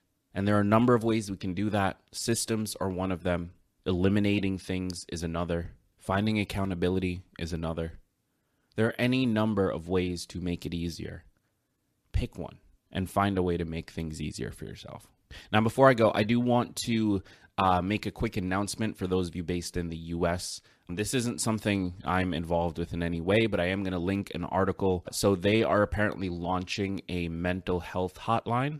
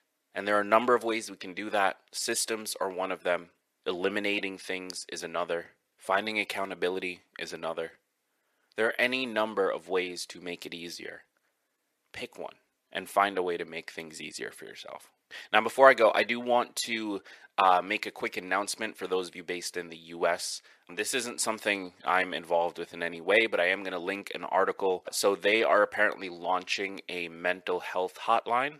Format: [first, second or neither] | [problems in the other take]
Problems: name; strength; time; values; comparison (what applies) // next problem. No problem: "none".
first | thin; very; fading below 550 Hz